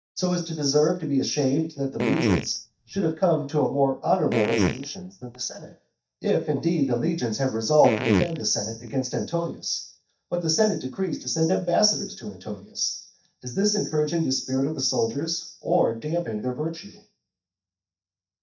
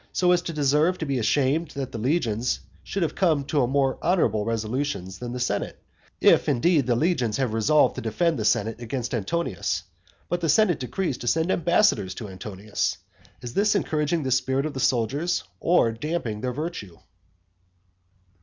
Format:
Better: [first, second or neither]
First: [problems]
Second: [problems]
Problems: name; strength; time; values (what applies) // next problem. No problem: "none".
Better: second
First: noise reduction (neural mask model DeepFilterNet 3)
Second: none